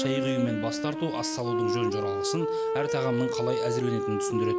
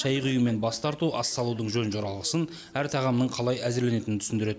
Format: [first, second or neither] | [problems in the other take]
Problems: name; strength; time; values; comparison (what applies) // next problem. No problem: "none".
second | background sound (Wind instrument, woodwind instrument); 2 dB above the speech